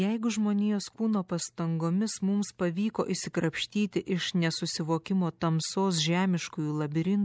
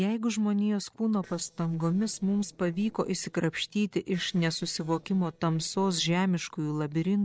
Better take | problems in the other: first | noise reduction (neural separator model SepFormer DNS4)

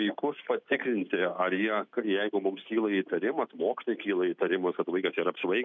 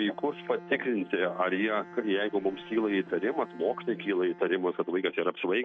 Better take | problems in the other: first | background sound (Bowed string instrument); 19 dB below the speech

